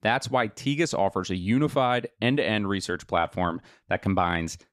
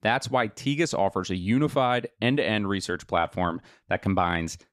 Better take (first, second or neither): neither